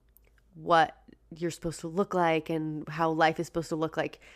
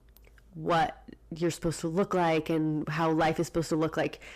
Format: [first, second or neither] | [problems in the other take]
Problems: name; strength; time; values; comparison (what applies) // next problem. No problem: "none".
first | distortion; heavy; 6 dB below the speech